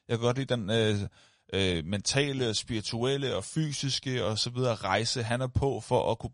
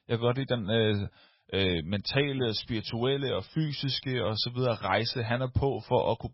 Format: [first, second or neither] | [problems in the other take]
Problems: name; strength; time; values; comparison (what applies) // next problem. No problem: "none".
first | garbled, watery; badly; nothing above 5.5 kHz; slightly in the first